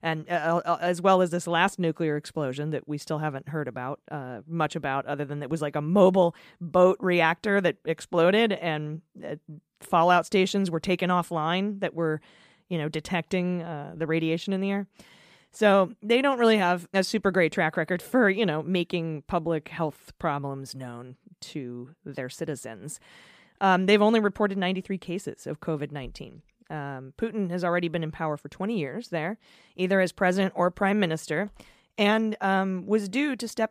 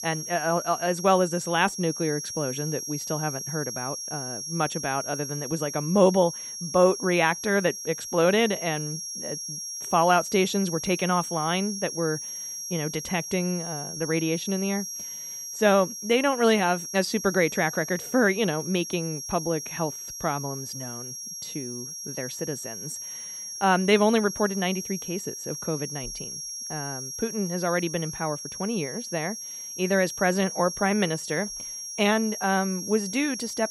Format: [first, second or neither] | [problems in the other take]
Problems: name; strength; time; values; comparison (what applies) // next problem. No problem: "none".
first | high-pitched whine; loud; throughout; 5.5 kHz, 7 dB below the speech